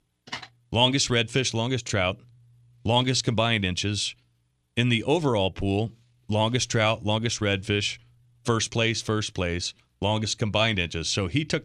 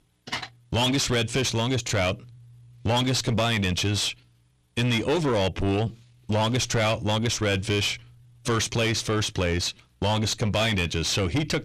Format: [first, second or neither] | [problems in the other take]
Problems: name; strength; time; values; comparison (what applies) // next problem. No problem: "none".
first | distortion; heavy; 6 dB below the speech